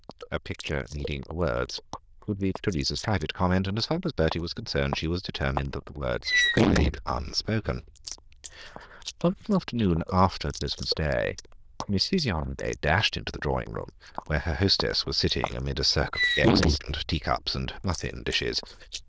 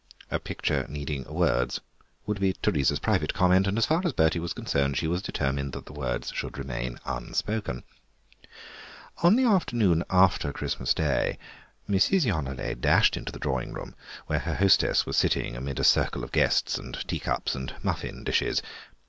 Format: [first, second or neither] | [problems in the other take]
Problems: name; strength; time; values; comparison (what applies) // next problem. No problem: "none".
second | noise reduction (neural diffusion model UNIVERSE++)